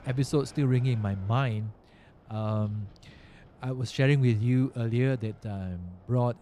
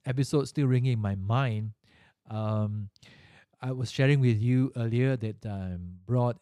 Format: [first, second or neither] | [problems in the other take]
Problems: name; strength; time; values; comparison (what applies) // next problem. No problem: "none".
second | wind noise on the microphone; occasional gusts; 25 dB below the speech